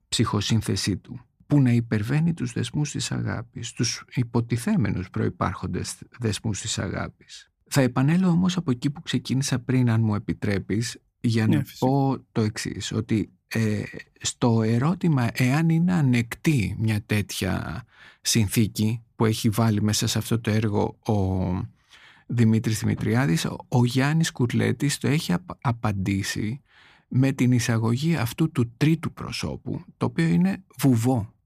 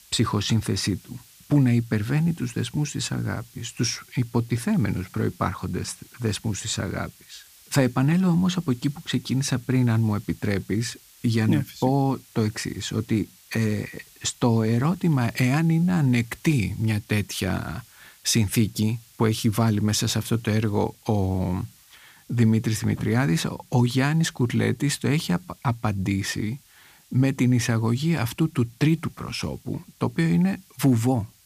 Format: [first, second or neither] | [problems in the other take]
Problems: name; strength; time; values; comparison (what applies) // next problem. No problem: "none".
first | hiss; faint; throughout; 25 dB below the speech